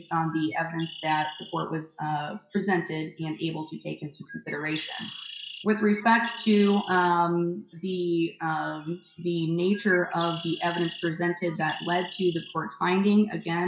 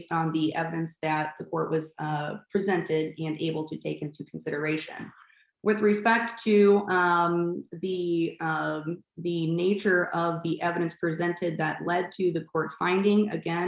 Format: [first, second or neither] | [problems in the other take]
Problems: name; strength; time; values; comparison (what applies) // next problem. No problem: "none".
second | noise reduction (classical method WPE with log-MMSE)